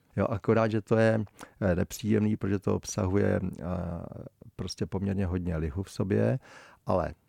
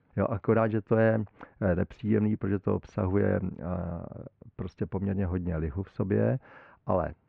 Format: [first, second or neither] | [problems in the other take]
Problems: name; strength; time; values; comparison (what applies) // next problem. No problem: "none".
first | muffled; very; fading above 2 kHz